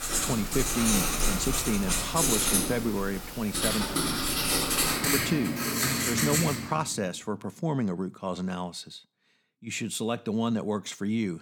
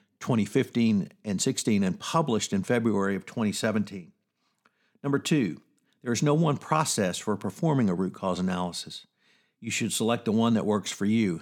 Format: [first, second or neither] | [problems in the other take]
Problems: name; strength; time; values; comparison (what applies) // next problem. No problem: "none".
second | household noises; very loud; until 6.5 s; 4 dB above the speech